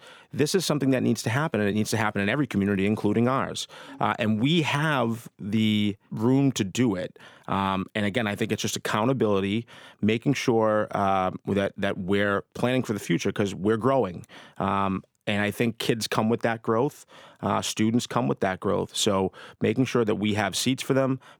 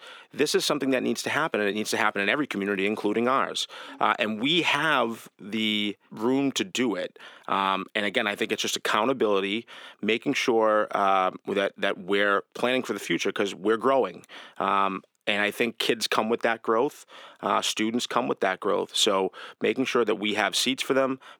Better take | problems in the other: first | thin; very slightly; fading below 350 Hz

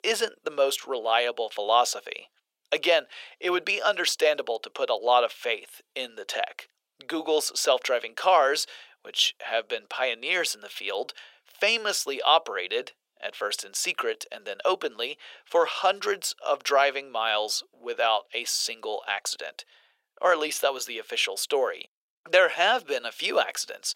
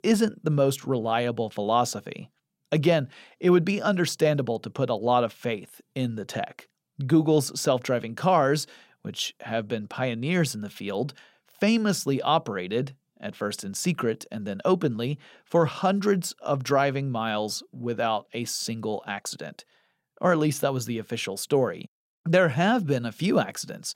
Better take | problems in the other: second | thin; very; fading below 450 Hz

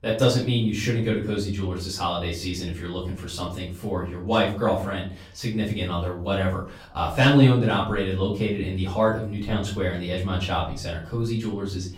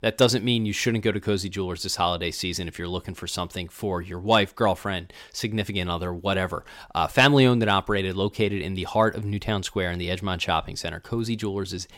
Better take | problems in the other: second | off-mic speech; far // room echo; slight; dies away in 0.5 s

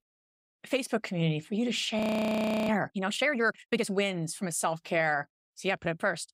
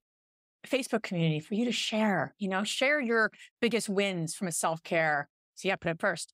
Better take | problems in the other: second | audio freezing; at 2 s for 0.5 s

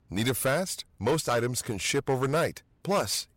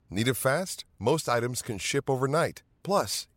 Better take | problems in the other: second | distortion; slight; 7% of the sound clipped

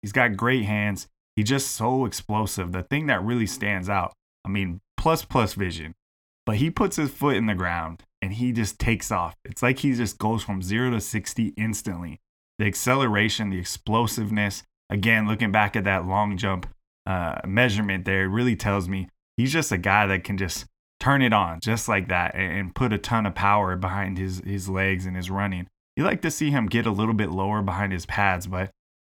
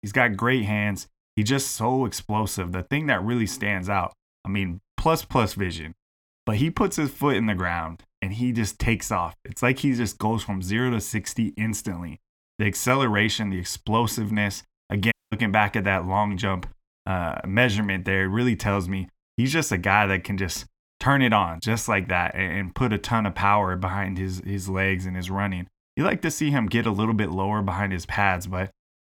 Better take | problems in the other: first | audio cutting out; at 15 s

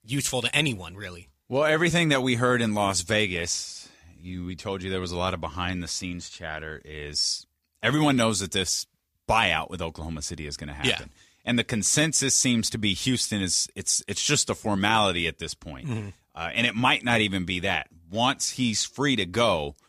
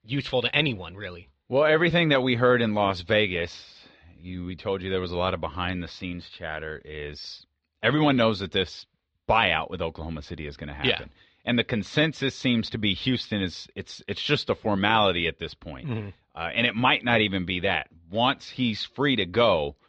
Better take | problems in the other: first | muffled; very; fading above 4 kHz

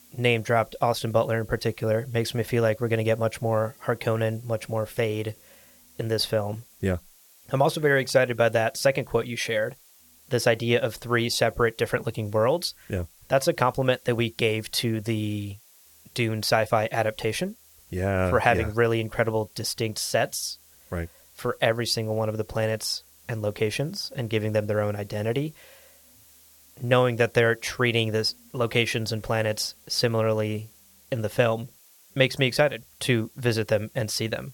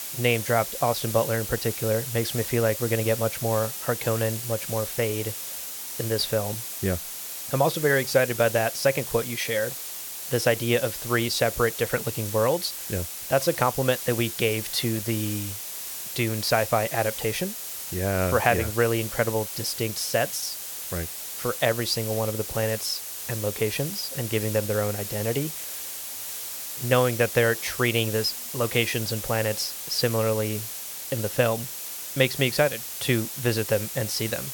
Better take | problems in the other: first | hiss; loud; throughout; 6 dB below the speech; faint in the first

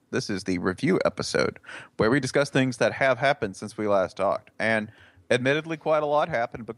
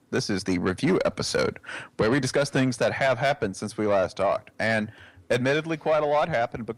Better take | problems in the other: first | distortion; slight; 10 dB below the speech

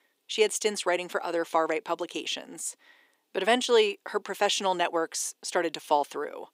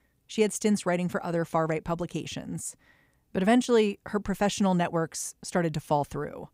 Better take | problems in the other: second | thin; very; fading below 350 Hz

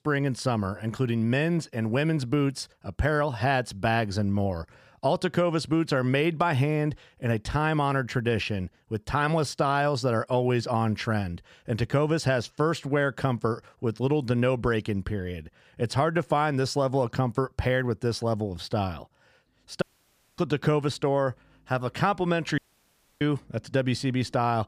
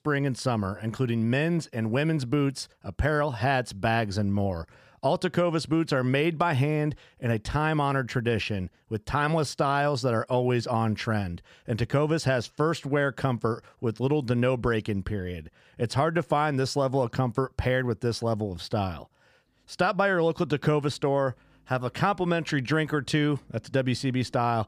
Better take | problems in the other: second | audio cutting out; at 20 s for 0.5 s and at 23 s for 0.5 s

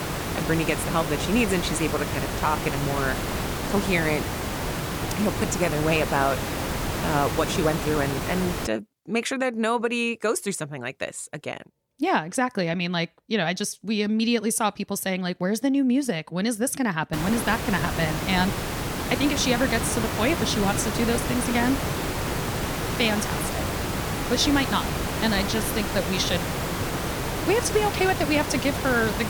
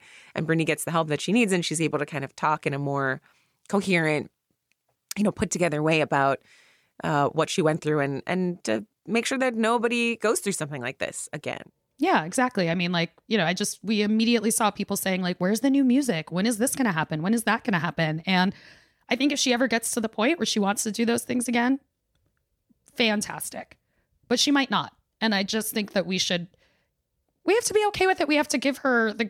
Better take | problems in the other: second | hiss; loud; until 8.5 s and from 17 s on; 3 dB below the speech

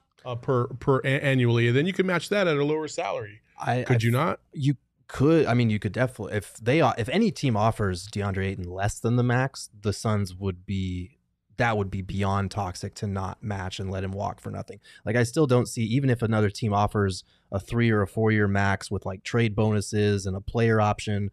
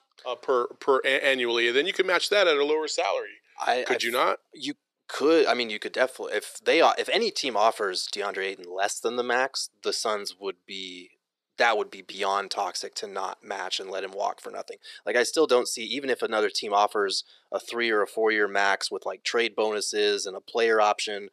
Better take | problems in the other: first | thin; very; fading below 350 Hz

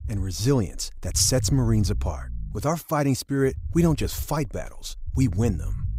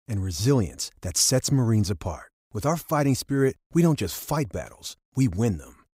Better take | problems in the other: second | low rumble; faint; until 2.5 s and from 3.5 s on; 20 dB below the speech

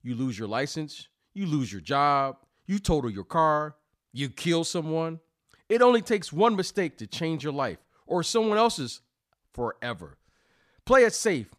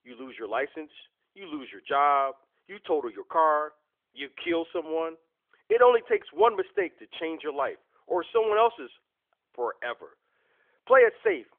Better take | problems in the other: first | phone-call audio; nothing above 3.5 kHz

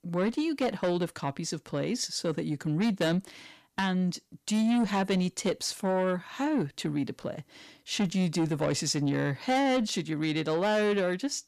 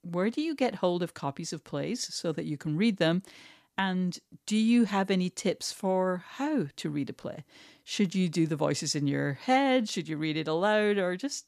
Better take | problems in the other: second | distortion; slight; 10 dB below the speech

